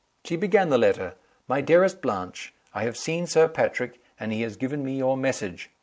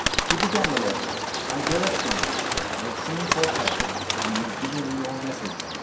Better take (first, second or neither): first